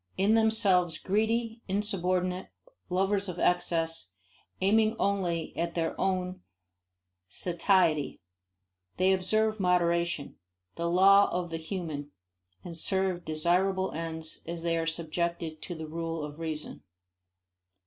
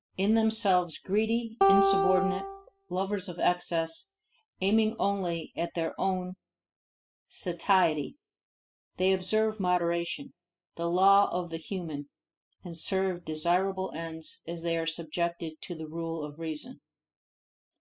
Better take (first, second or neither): first